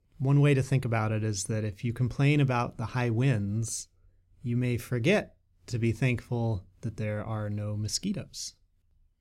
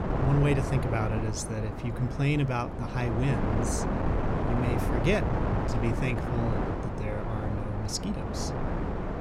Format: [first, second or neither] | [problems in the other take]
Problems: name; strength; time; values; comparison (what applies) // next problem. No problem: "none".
first | wind noise on the microphone; heavy; as loud as the speech